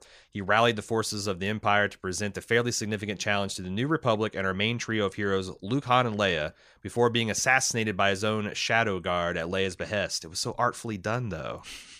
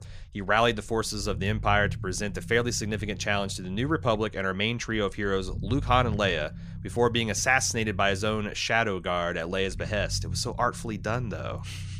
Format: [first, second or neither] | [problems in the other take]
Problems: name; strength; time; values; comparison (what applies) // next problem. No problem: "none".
first | low rumble; faint; throughout; 25 dB below the speech